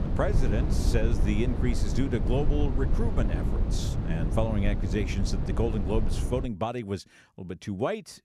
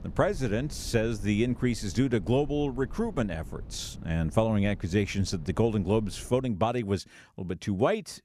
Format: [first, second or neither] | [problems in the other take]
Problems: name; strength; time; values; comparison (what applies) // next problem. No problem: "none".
second | low rumble; loud; until 6.5 s; 6 dB below the speech; faint in the second